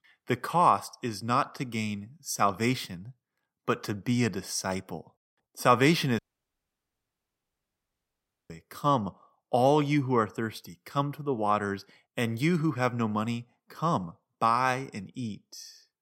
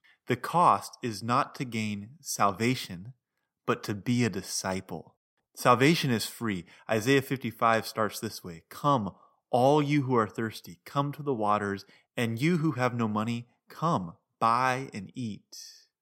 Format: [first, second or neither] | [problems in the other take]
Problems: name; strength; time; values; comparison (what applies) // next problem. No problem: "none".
second | audio cutting out; at 6 s for 2.5 s